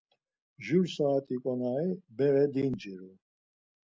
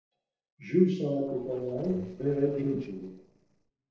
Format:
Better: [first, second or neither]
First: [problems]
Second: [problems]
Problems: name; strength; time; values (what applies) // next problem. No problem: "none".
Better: first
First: none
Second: noise reduction (neural separator model SepFormer DNS4)